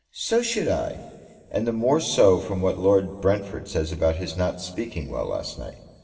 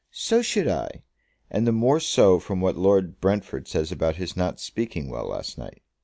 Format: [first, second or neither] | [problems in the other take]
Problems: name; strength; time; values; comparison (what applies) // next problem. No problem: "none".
second | room echo; dies away in 2.7 s